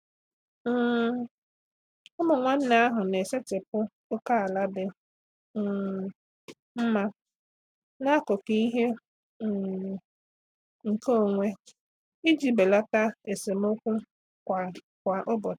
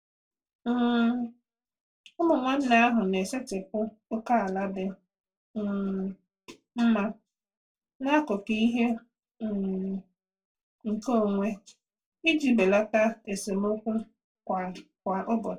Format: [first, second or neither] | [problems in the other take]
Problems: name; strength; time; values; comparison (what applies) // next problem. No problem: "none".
first | room echo; dies away in 0.2 s